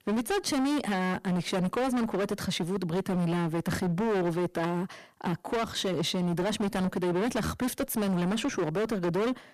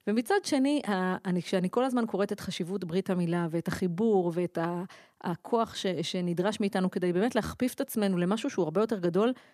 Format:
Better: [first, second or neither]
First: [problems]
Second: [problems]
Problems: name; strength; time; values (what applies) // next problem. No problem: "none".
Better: second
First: distortion; heavy; 28% of the sound clipped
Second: none